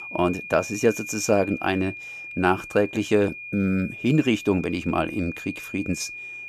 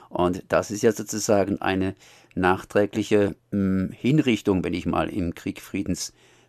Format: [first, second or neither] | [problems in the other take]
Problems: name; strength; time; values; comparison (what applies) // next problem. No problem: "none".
second | high-pitched whine; noticeable; throughout; 2.5 kHz, 10 dB below the speech